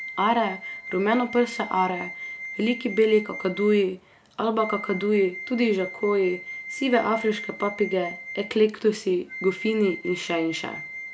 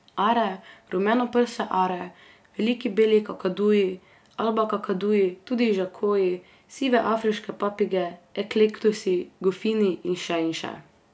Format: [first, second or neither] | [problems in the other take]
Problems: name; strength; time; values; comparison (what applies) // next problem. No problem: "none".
second | background sound (Wind instrument, woodwind instrument); 12 dB below the speech